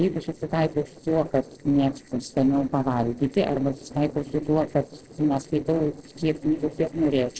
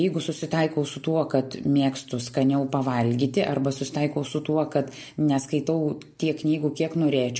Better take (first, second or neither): second